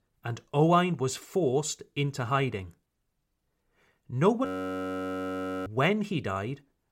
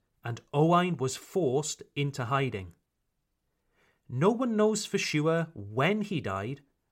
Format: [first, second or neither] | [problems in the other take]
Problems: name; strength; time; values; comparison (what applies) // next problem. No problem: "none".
second | audio freezing; at 4.5 s for 1 s